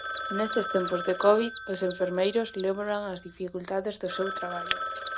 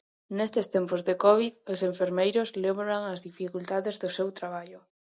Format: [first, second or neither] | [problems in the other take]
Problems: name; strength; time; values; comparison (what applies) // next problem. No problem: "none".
second | background sound (Telephone + Mechanisms); 8 dB below the speech